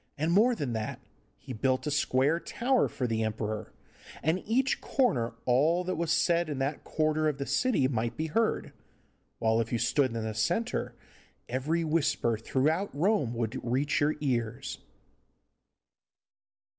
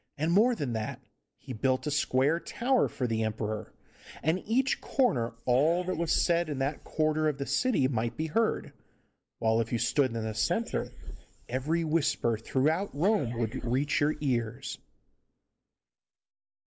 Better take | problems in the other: first | noise reduction (neural mask model Resemble Enhance denoiser)

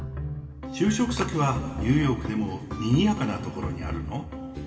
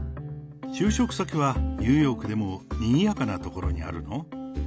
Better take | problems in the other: second | background sound (Clapping); 11 dB below the speech // room echo; dies away in 2.3 s

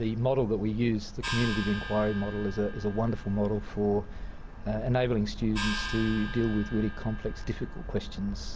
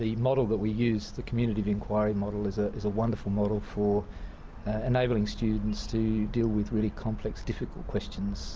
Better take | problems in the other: second | background sound (Gong); 11 dB below the speech

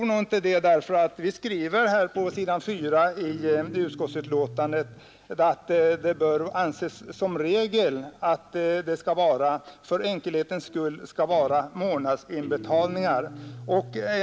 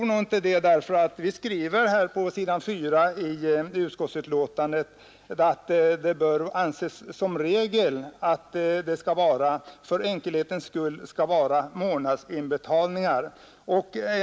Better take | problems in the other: second | background sound (Guitar); 19 dB below the speech

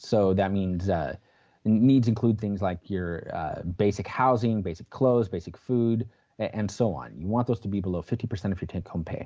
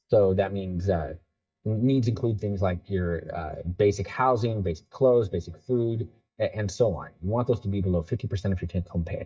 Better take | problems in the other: first | noise reduction (neural mask model DeepFilterNet 3)

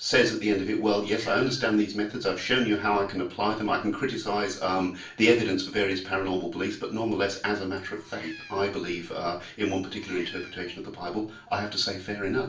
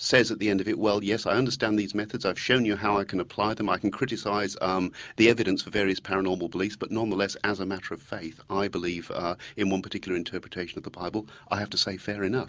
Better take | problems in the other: second | background sound (Meow); 20 dB below the speech // room echo; dies away in 0.4 s

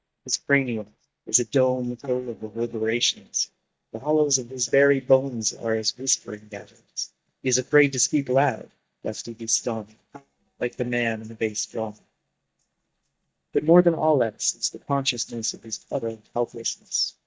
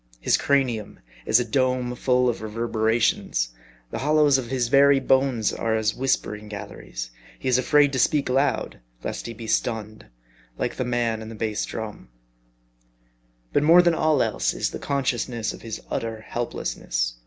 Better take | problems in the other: second | noise reduction (neural mask model DeepFilterNet 3)

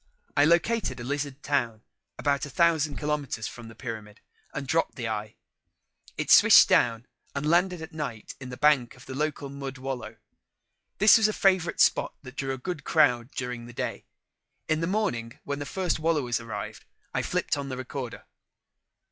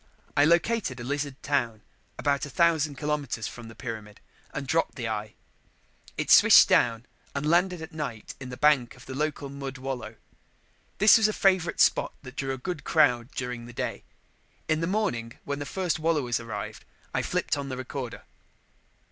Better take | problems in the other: second | noise reduction (classical method log-MMSE)

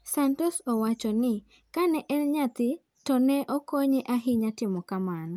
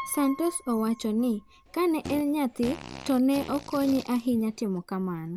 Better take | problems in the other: first | background sound (Fart + Piano); 16 dB below the speech

